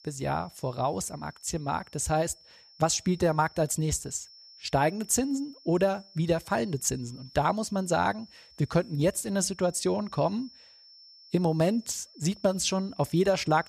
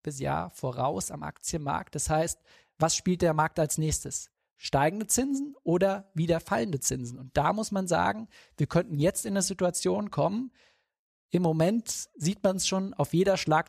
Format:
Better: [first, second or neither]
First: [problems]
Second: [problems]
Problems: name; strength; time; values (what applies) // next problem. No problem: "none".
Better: second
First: high-pitched whine; faint; throughout; 5.5 kHz, 25 dB below the speech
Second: none